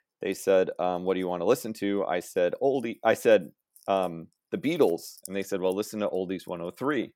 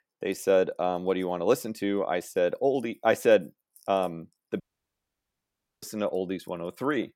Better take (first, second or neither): first